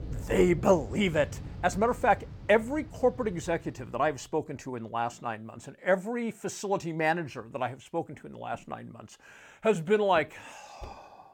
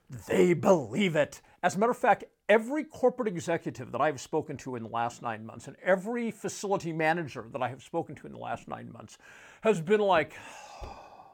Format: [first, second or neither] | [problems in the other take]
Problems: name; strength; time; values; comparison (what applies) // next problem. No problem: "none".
second | rain or running water; noticeable; until 4 s; 15 dB below the speech